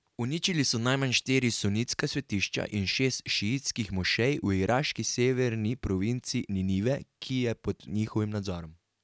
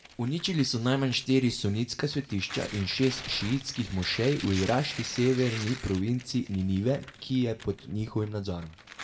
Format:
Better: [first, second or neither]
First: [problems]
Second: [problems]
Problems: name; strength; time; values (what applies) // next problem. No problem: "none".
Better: first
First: none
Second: background sound (Tearing); 15 dB below the speech // room echo; dies away in 0.5 s